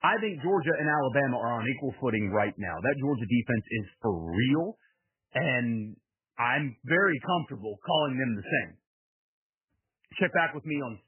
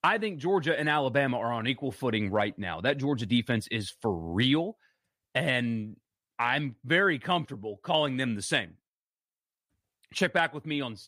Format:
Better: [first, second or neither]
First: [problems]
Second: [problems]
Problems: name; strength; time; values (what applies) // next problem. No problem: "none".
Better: second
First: garbled, watery; badly; nothing above 3 kHz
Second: none